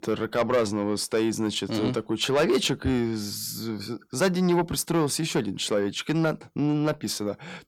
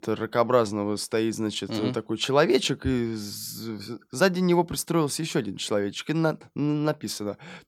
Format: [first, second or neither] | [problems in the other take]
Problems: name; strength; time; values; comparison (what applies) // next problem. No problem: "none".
second | distortion; slight; 10 dB below the speech